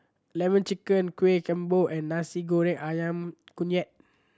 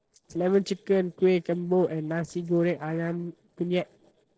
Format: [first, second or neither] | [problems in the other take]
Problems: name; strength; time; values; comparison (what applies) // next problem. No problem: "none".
first | noise reduction (neural separator model SepFormer DNS4)